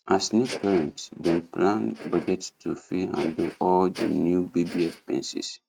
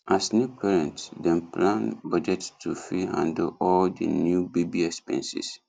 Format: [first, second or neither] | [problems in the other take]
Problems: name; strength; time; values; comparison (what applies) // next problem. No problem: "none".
second | noise reduction (neural mask model RNNoise)